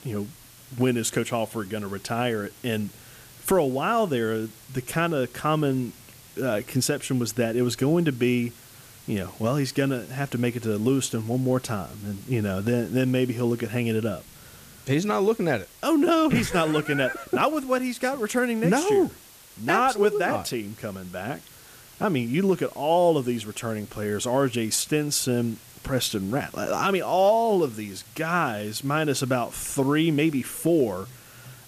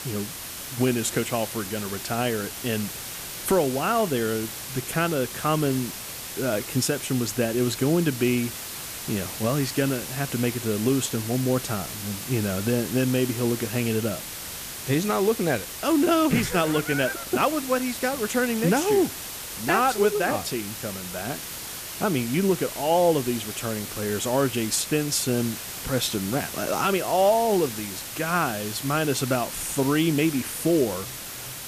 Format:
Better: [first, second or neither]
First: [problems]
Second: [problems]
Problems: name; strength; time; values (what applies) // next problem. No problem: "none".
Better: first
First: hiss; faint; throughout; 20 dB below the speech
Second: hiss; loud; throughout; 8 dB below the speech